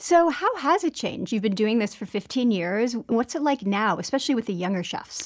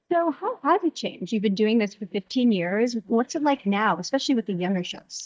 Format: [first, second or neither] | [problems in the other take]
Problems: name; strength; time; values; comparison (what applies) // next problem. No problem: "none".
first | noise reduction (neural mask model DeepFilterNet 3)